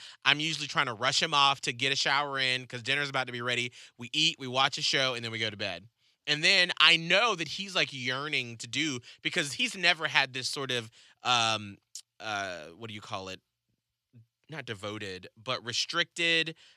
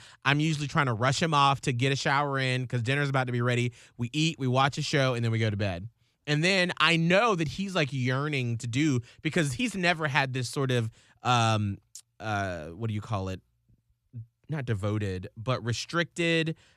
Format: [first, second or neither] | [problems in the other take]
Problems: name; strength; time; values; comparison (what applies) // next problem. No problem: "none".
second | thin; somewhat; fading below 500 Hz